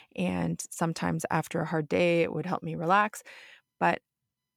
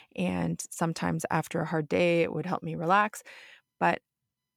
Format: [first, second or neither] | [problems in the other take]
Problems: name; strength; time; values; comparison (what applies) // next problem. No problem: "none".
neither | none